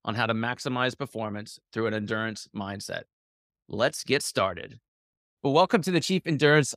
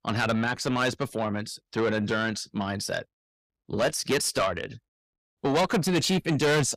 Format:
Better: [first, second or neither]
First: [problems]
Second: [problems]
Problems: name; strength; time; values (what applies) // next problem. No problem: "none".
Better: first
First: none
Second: distortion; heavy; 6 dB below the speech